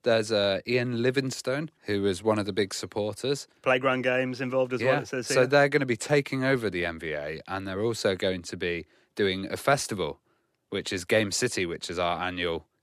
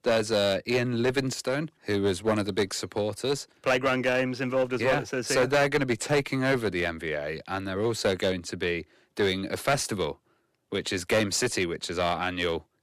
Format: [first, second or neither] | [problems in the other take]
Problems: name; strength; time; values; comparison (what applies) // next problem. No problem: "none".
first | distortion; slight; 5% of the sound clipped